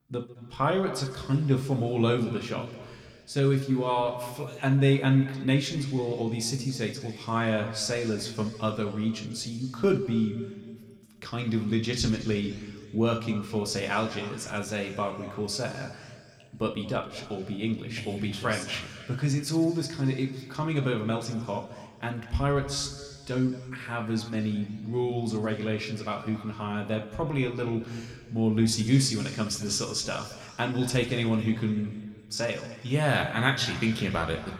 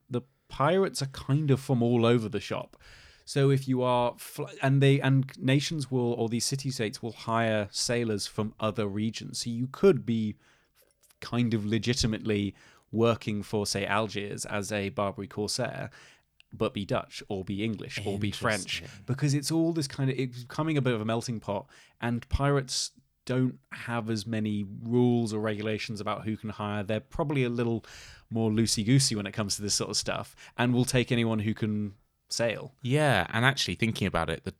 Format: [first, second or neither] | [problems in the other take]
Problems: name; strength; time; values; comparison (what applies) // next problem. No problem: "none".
second | room echo; slight; dies away in 1.9 s